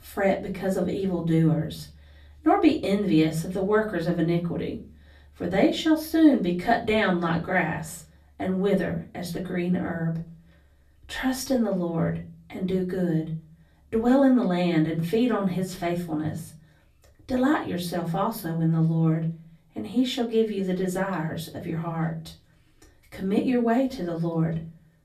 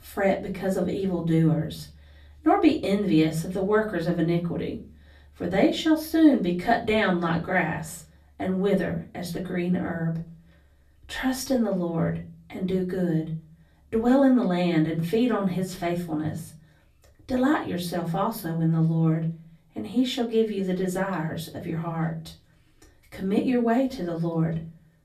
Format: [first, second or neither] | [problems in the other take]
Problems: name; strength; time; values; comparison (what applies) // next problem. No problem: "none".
neither | off-mic speech; far; the same in both // room echo; very slight; dies away in 0.4 s; the same in both